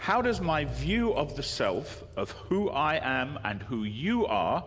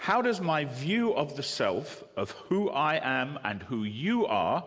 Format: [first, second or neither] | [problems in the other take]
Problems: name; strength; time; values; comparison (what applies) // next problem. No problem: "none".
second | background sound (Engine / Car); 13 dB below the speech